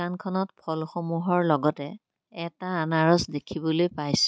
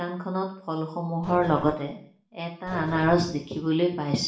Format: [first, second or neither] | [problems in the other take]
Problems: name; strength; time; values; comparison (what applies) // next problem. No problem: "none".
first | background sound (Growling); 13 dB below the speech // room echo; dies away in 0.5 s